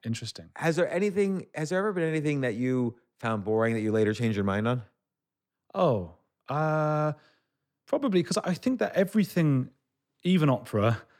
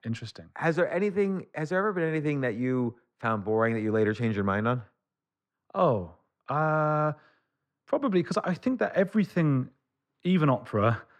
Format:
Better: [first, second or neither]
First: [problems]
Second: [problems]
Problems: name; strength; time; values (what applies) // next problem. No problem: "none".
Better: first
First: none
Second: muffled; slightly; fading above 2.5 kHz